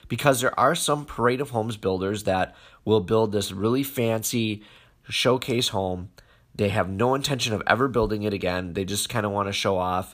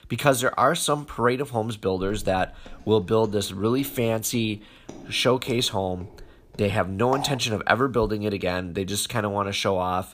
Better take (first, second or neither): first